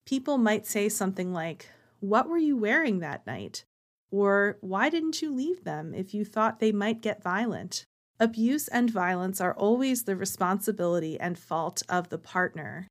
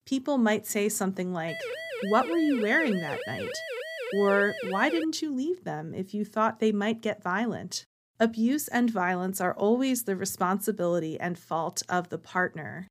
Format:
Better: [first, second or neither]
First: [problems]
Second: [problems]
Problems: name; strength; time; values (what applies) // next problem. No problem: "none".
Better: first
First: none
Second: siren; noticeable; from 1.5 to 5 s; peak 7 dB below the speech